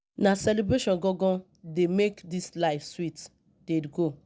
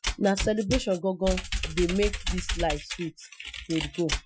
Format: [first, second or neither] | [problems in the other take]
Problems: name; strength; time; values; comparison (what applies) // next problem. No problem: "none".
first | noise reduction (classical method Wiener filter)